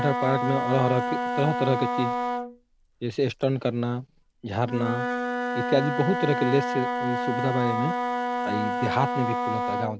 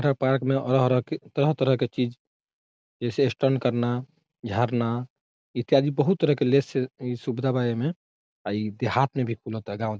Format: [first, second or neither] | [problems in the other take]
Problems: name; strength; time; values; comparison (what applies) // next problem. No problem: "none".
second | background sound (Wind instrument, woodwind instrument); 1 dB below the speech